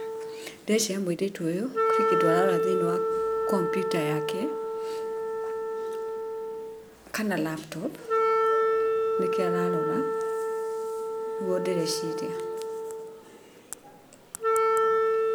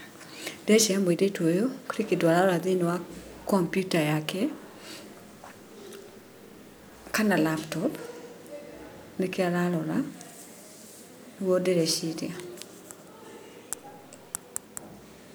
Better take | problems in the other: second | background sound (Wind instrument, woodwind instrument); 5 dB above the speech

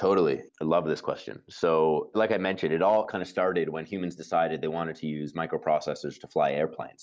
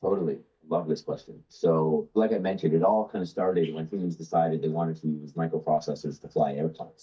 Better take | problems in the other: first | noise reduction (neural mask model DeepFilterNet 3)

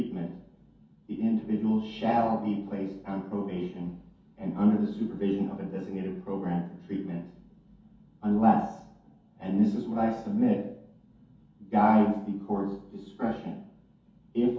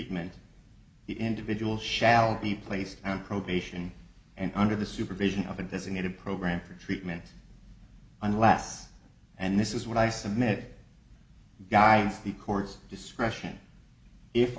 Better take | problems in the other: second | room echo; dies away in 0.5 s

